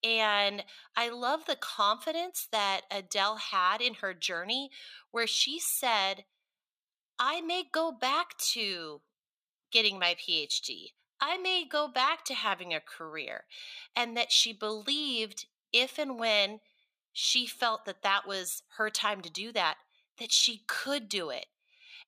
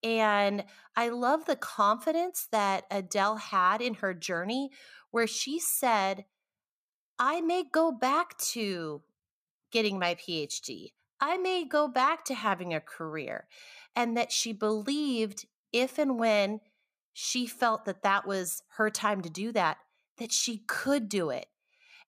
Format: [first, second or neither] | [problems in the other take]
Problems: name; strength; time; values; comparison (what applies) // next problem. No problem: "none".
second | thin; very slightly; fading below 600 Hz